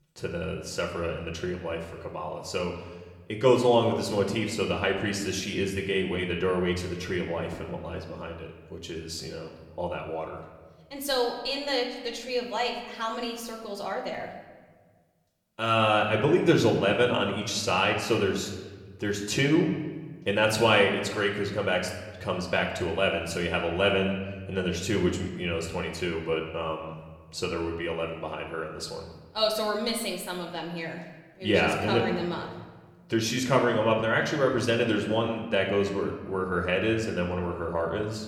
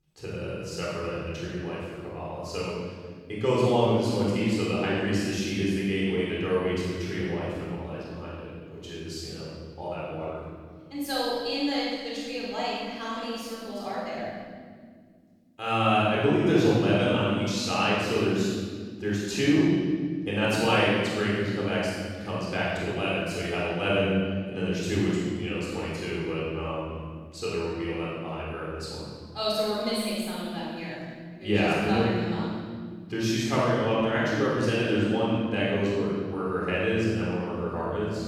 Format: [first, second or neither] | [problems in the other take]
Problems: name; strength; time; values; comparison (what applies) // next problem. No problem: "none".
first | room echo; strong; dies away in 2 s; slight in the first // off-mic speech; far; somewhat distant in the first